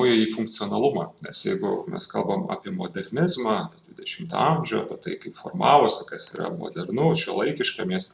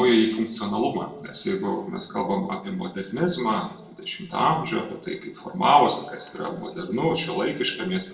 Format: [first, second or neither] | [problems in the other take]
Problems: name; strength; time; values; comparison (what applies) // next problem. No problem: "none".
first | room echo; dies away in 0.6 s